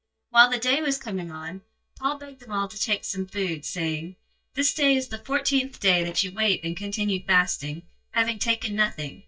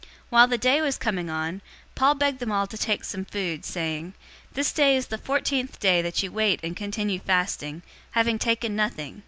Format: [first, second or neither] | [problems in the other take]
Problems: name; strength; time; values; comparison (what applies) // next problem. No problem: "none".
second | noise reduction (neural mask model DeepFilterNet 3)